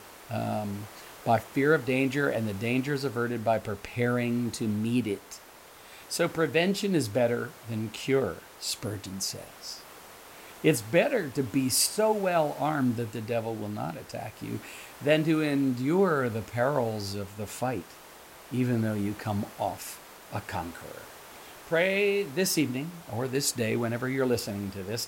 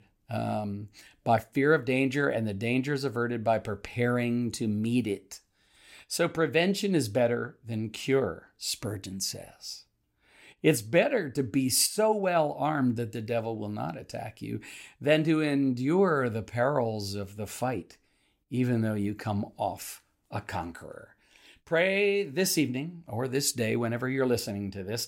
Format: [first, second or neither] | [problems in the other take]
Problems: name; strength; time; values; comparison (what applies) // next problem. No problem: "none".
second | hiss; noticeable; throughout; 20 dB below the speech